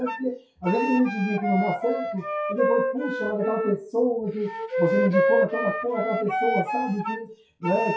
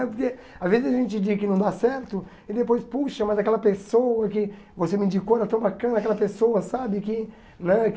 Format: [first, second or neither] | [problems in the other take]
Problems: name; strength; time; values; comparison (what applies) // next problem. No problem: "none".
second | noise reduction (classical method WPE with log-MMSE)